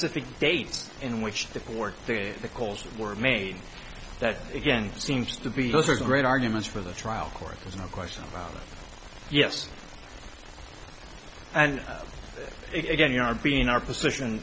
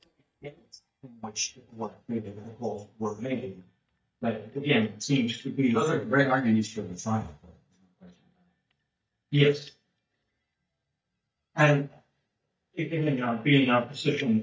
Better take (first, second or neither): first